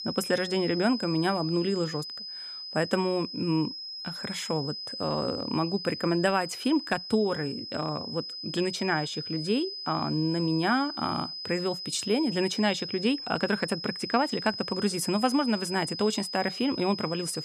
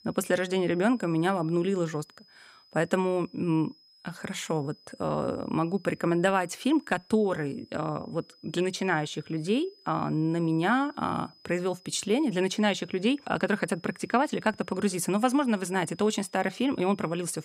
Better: second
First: high-pitched whine; loud; throughout; 5 kHz, 7 dB below the speech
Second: high-pitched whine; faint; throughout; 5 kHz, 30 dB below the speech

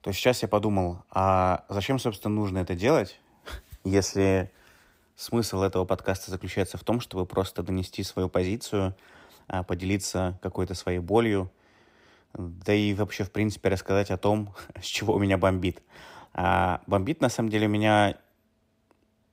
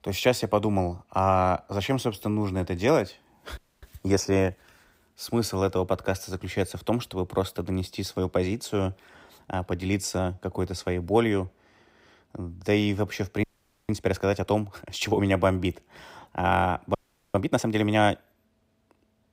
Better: first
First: none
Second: audio freezing; at 3.5 s, at 13 s and at 17 s

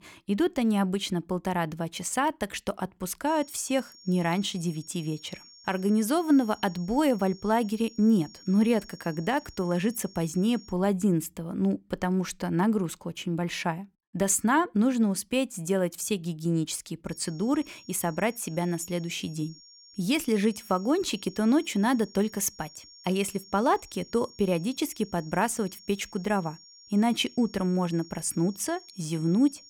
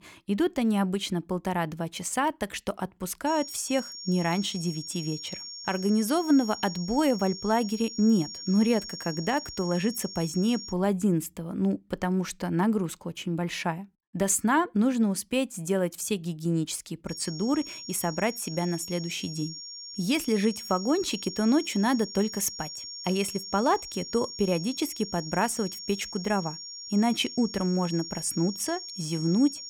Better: first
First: high-pitched whine; faint; from 3.5 to 11 s and from 17 s on; 5.5 kHz, 20 dB below the speech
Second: high-pitched whine; loud; from 3.5 to 11 s and from 17 s on; 5.5 kHz, 10 dB below the speech

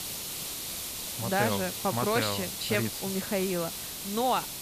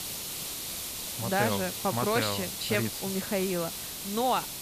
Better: neither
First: hiss; loud; throughout; 4 dB below the speech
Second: hiss; loud; throughout; 4 dB below the speech

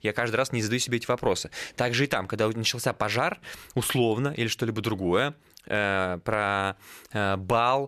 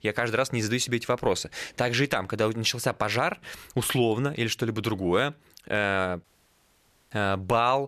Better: first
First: none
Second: audio cutting out; at 6 s for 1 s

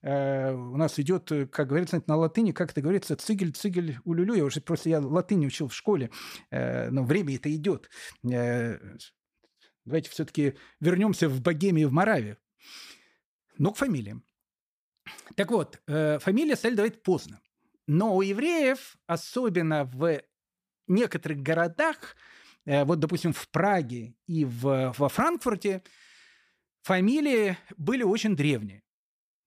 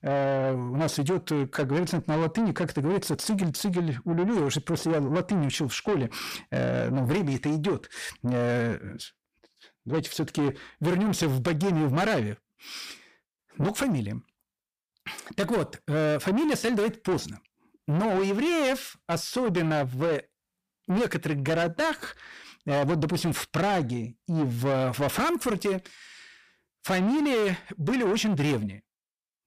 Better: first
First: none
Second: distortion; heavy; 8 dB below the speech

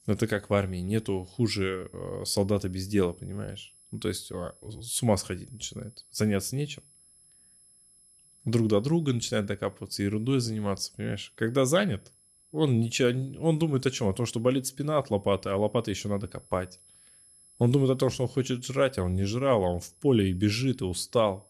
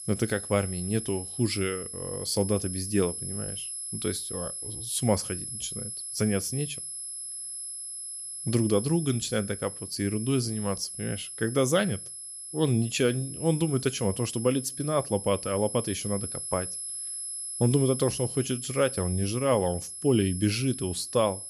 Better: first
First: high-pitched whine; faint; throughout; 11 kHz, 30 dB below the speech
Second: high-pitched whine; loud; throughout; 11 kHz, 6 dB below the speech

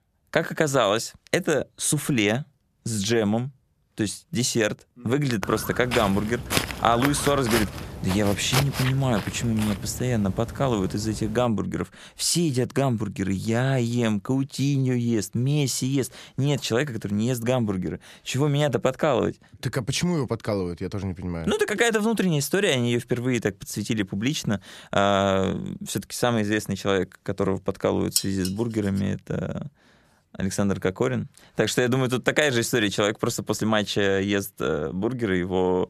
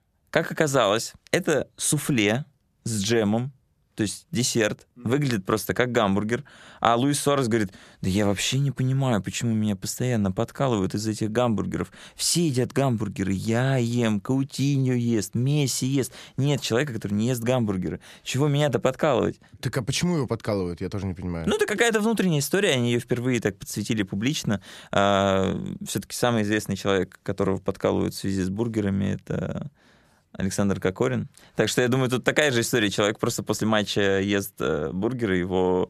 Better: second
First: footsteps; noticeable; from 5.5 to 11 s; peak 1 dB below the speech // clattering dishes; noticeable; at 28 s; peak 1 dB below the speech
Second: none

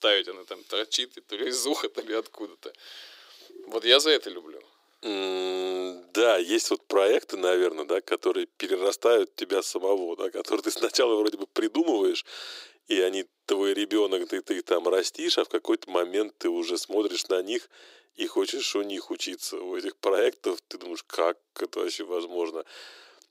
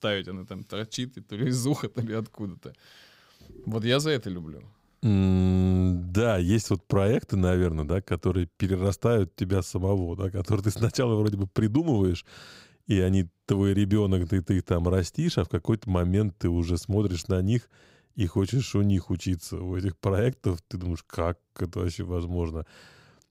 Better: second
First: thin; very; fading below 350 Hz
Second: none

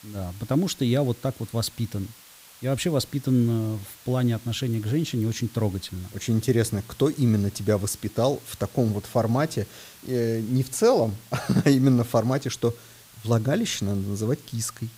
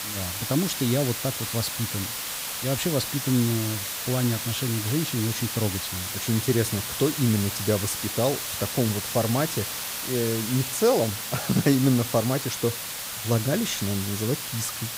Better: first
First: hiss; faint; throughout; 20 dB below the speech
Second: hiss; loud; throughout; 3 dB below the speech

